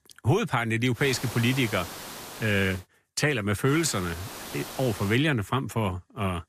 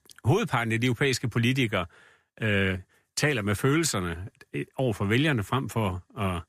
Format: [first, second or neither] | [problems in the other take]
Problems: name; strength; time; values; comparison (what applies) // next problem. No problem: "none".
second | hiss; noticeable; from 1 to 3 s and from 3.5 to 5 s; 10 dB below the speech